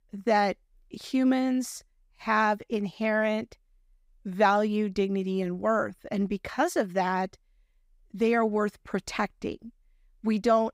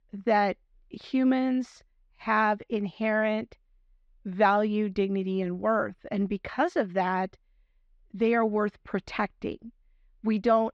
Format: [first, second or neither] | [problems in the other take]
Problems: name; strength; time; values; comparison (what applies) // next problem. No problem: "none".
first | muffled; slightly; fading above 4 kHz